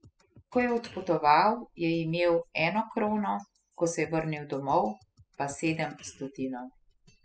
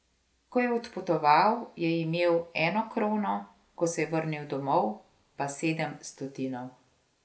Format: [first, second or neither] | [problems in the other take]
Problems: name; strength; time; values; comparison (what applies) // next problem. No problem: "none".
second | noise reduction (classical method spectral subtraction)